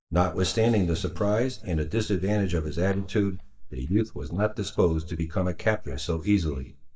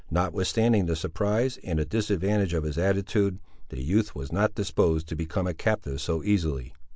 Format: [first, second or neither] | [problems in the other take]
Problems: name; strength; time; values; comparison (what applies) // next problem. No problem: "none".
second | noise reduction (neural mask model DeepFilterNet 3)